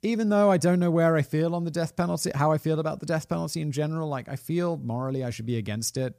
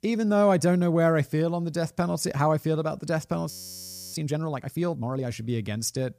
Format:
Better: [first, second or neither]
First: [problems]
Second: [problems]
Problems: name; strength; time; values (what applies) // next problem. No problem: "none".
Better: first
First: none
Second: audio freezing; at 3.5 s for 0.5 s